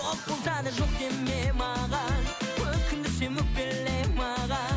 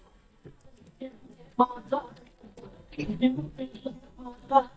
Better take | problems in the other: first | noise reduction (neural mask model DeepFilterNet 3)

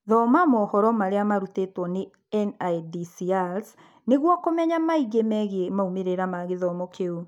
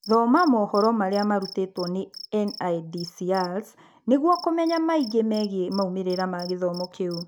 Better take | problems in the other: first | background sound (Cricket); 19 dB below the speech

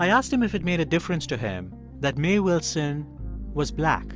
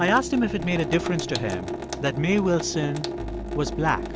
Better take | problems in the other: first | background sound (Sink (filling or washing) / Water tap, faucet); 7 dB below the speech

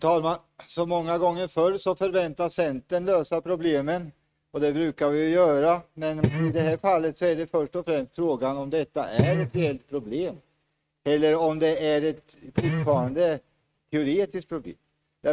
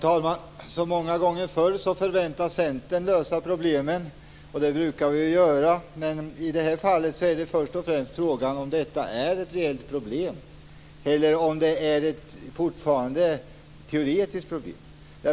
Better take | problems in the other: second | noise reduction (neural mask model RNNoise)

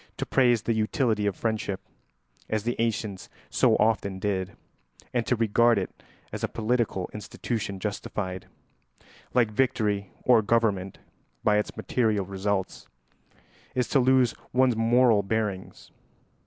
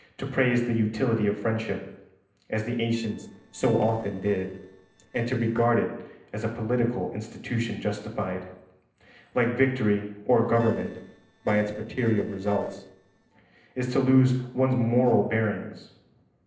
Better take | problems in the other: first | noise reduction (neural separator model SepFormer DNS4)

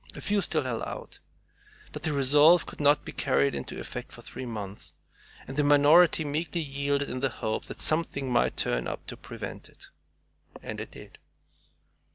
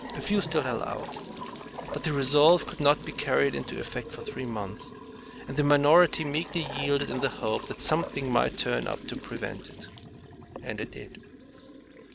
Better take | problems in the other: first | background sound (Trickle, dribble / Bathtub (filling or washing) / Sink (filling or washing) / Gurgling + Liquid); 12 dB below the speech

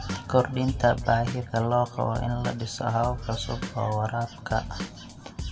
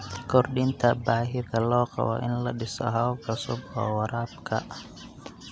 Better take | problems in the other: second | background sound (Drum / Drum kit); 10 dB below the speech // room echo; dies away in 1.8 s

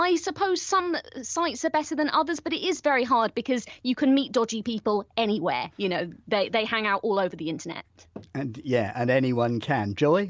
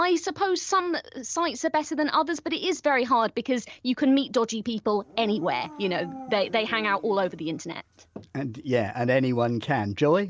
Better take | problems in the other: first | noise reduction (neural separator model SepFormer DNS4)

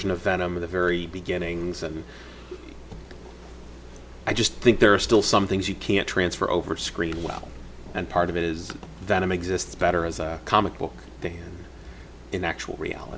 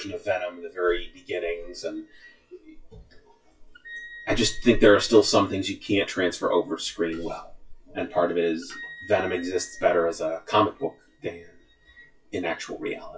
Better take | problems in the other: first | noise reduction (classical method WPE with log-MMSE)

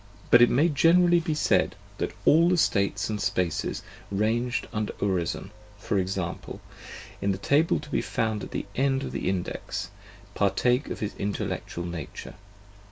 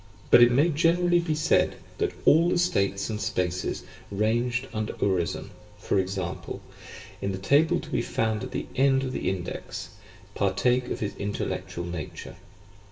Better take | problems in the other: first | room echo; dies away in 0.8 s

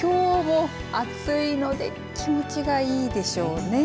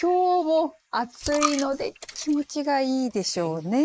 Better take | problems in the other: first | noise reduction (neural mask model Resemble Enhance denoiser)

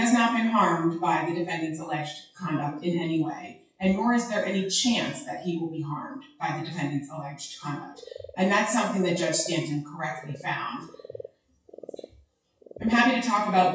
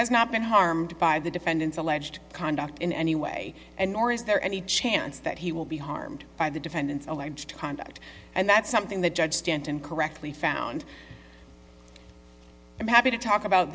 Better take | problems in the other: second | noise reduction (classical method WPE with log-MMSE)

